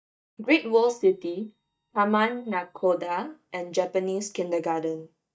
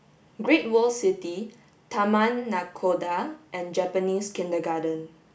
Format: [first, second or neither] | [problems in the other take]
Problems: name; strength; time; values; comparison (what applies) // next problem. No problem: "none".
second | noise reduction (neural mask model DeepFilterNet 3)